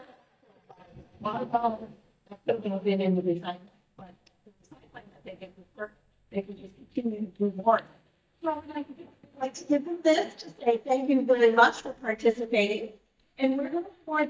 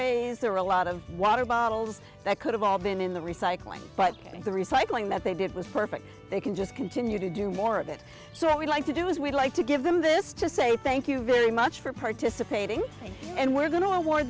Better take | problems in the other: second | noise reduction (neural mask model DeepFilterNet 3)

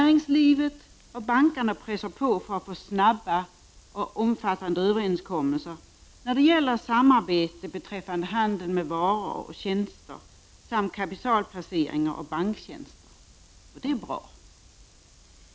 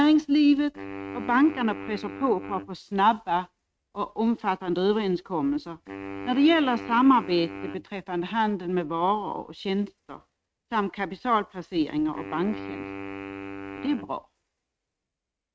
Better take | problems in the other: first | noise reduction (neural mask model RNNoise)

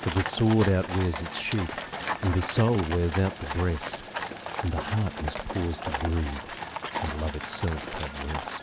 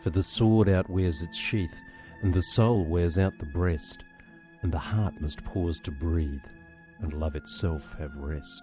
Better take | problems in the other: second | background sound (Livestock, farm animals, working animals); 7 dB below the speech

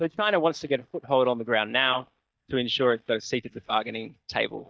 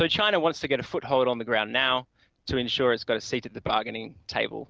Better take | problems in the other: second | noise reduction (neural mask model DeepFilterNet 3)

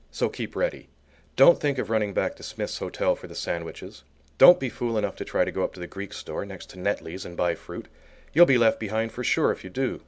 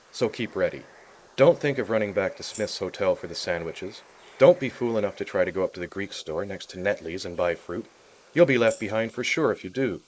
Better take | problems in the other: first | noise reduction (neural mask model Resemble Enhance denoiser)

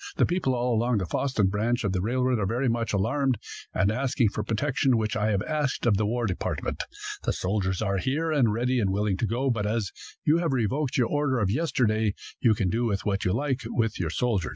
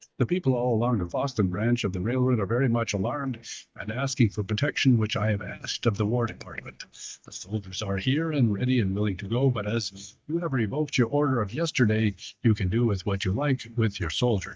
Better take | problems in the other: first | noise reduction (neural mask model DeepFilterNet 3)

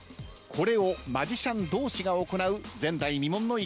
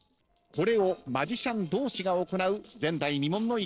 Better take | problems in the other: first | noise reduction (neural separator model SepFormer DNS4)

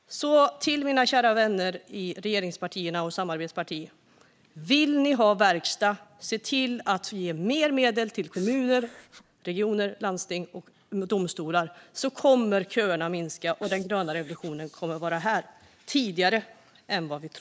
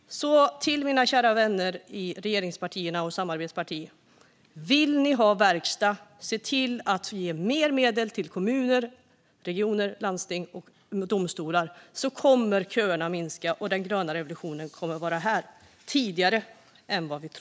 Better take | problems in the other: second | noise reduction (neural mask model Resemble Enhance denoiser)

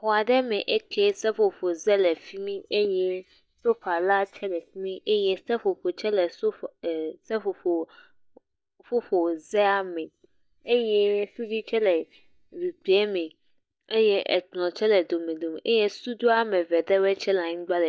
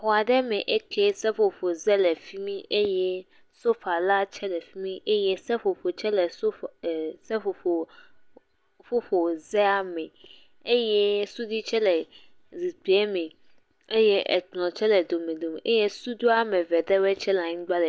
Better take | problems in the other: second | noise reduction (neural mask model DeepFilterNet 3)

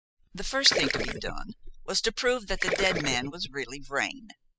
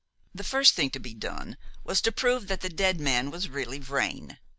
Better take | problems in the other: second | noise reduction (classical method spectral subtraction)

